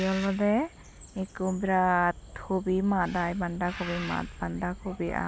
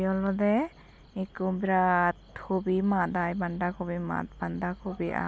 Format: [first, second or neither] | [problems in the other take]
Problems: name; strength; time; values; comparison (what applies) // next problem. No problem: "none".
second | background sound (Bird); 15 dB below the speech